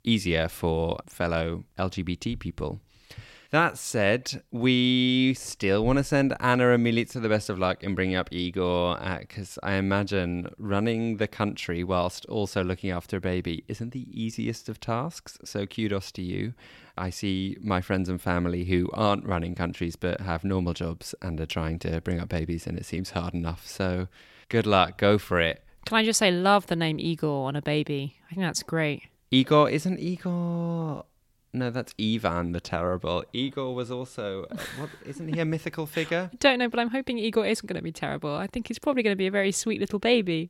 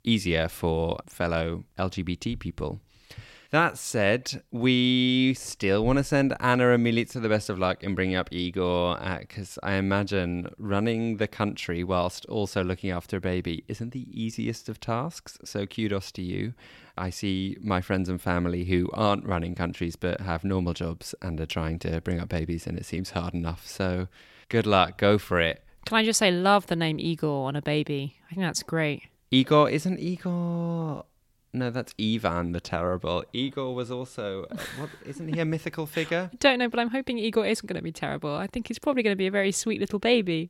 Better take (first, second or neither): neither